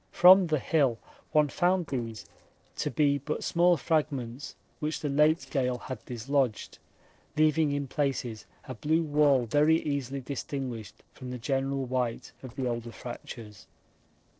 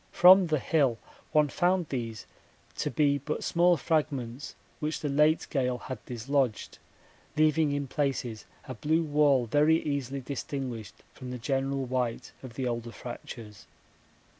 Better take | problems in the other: second | noise reduction (neural separator model SepFormer DNS4)

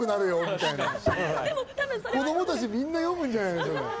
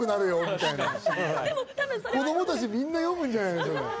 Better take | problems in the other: second | background sound (Gunshot, gunfire); 14 dB below the speech

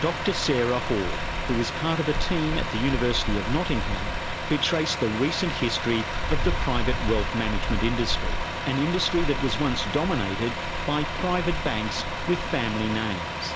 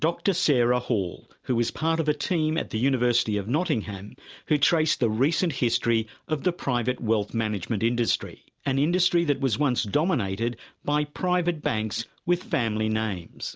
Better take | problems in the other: second | background sound (Truck + Dog); 1 dB below the speech

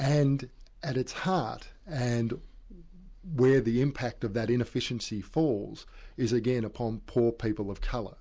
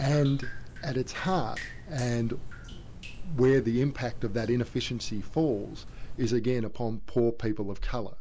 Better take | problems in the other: first | background sound (Drip); 6 dB below the speech

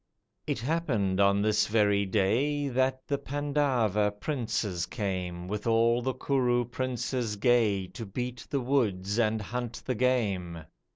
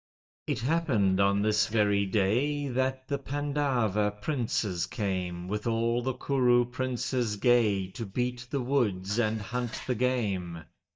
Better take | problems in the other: first | noise reduction (neural mask model DeepFilterNet 3)

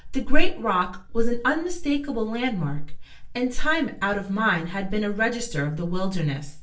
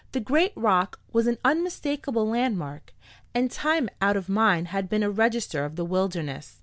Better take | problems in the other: second | room echo; dies away in 0.3 s

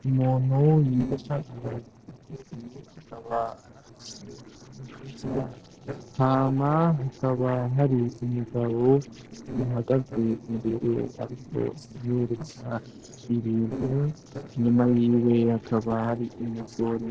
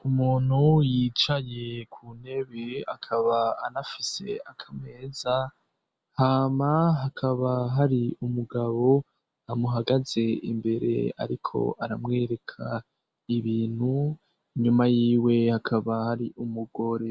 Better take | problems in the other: second | noise reduction (neural separator model SepFormer DNS4)

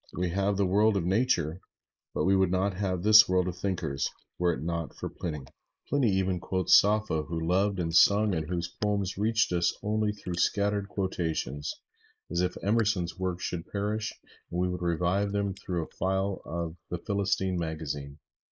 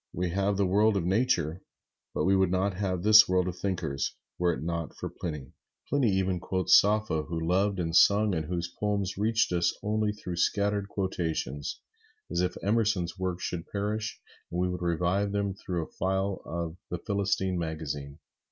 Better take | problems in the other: second | noise reduction (neural mask model Resemble Enhance denoiser)

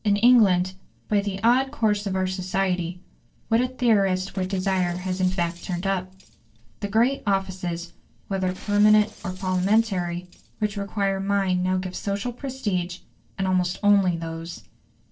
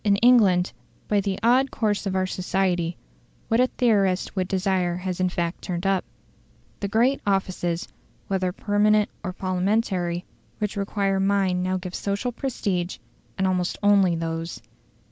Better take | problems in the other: second | noise reduction (neural separator model SepFormer DNS4)

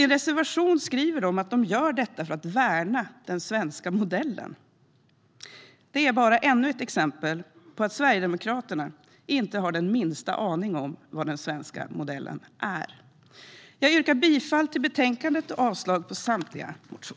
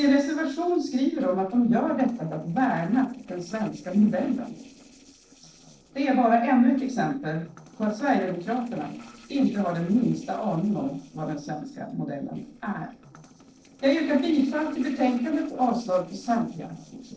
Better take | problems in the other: first | noise reduction (neural separator model SepFormer DNS4)

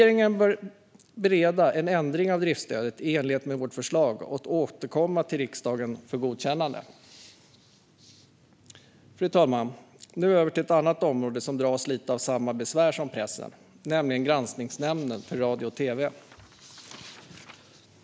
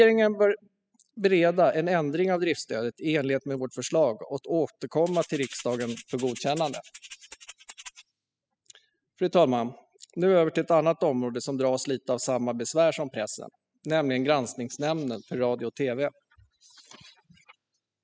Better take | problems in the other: first | noise reduction (classical method spectral subtraction)

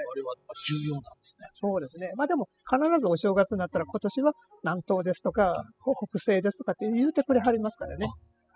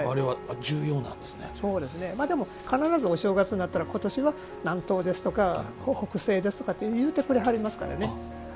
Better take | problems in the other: second | noise reduction (classical method spectral subtraction)

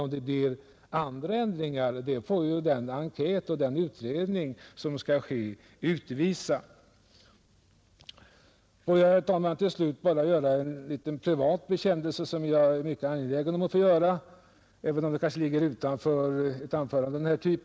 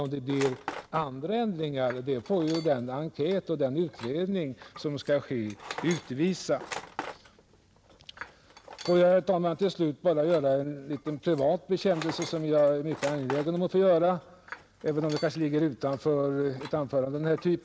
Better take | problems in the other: first | background sound (Tools); 17 dB below the speech

